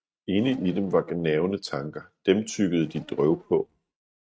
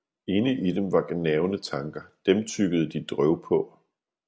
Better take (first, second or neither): second